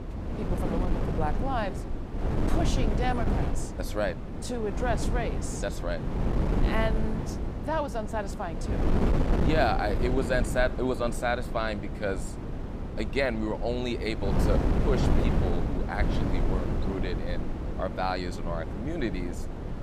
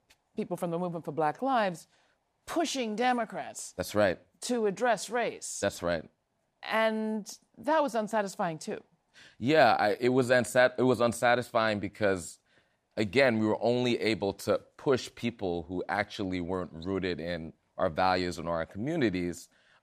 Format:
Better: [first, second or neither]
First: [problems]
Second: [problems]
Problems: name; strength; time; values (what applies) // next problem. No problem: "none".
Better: second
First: wind noise on the microphone; heavy; 5 dB below the speech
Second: none